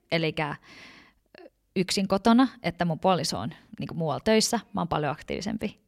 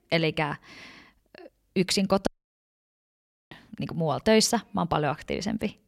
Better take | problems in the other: first | audio cutting out; at 2.5 s for 1 s

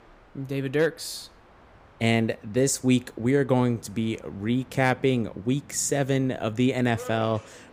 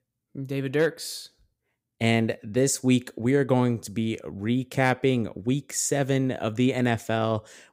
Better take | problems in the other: second | train or aircraft noise; faint; throughout; 25 dB below the speech

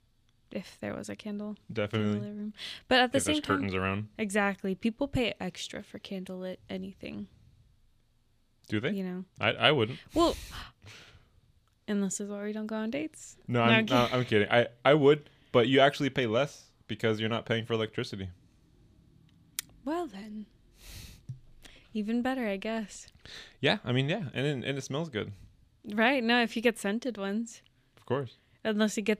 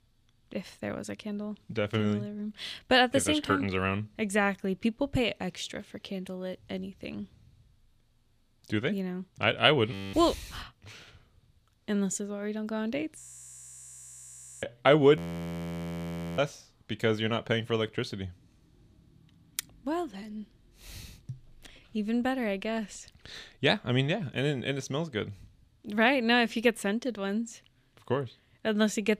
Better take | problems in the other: first | audio freezing; at 10 s, at 13 s for 1.5 s and at 15 s for 1 s

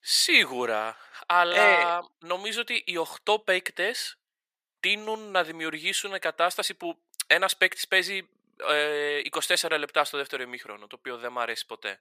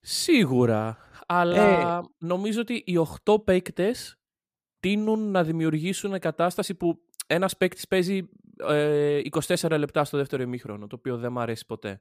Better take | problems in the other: second | thin; very; fading below 700 Hz

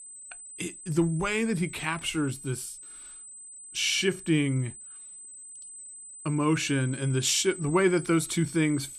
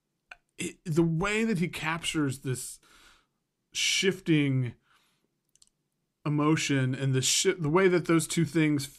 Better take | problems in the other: second | high-pitched whine; noticeable; throughout; 8 kHz, 15 dB below the speech

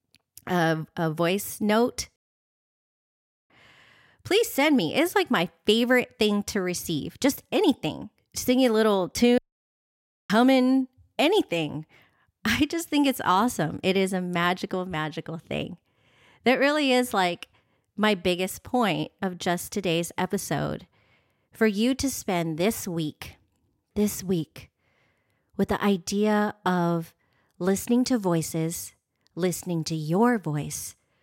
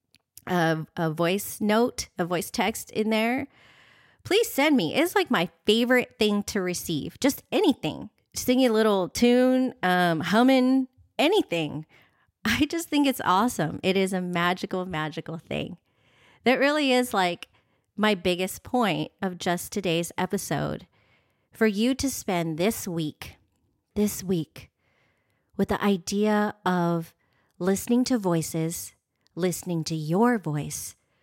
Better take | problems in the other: second | audio cutting out; at 2 s for 1.5 s and at 9.5 s for 1 s

